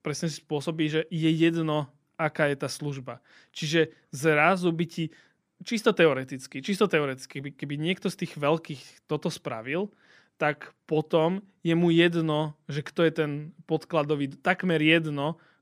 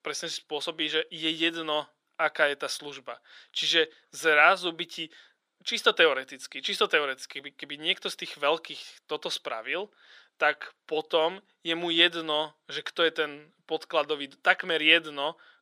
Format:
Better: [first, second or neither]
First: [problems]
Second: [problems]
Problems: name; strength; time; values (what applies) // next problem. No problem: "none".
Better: first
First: none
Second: thin; very; fading below 550 Hz